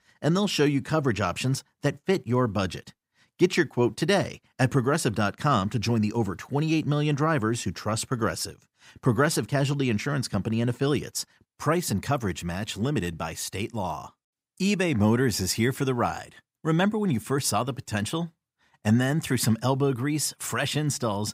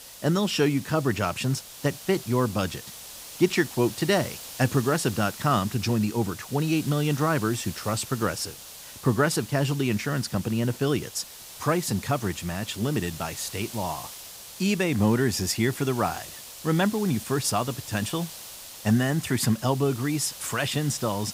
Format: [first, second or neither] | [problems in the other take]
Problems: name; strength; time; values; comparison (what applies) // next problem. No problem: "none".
first | hiss; noticeable; throughout; 15 dB below the speech